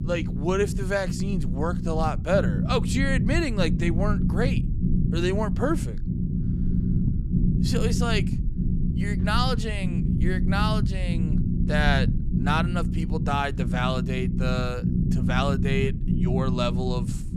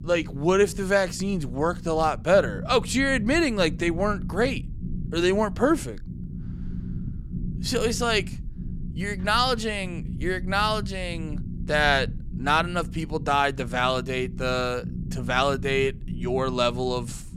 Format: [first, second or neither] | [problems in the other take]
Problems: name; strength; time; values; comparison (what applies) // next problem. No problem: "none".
second | low rumble; loud; throughout; 7 dB below the speech; faint in the second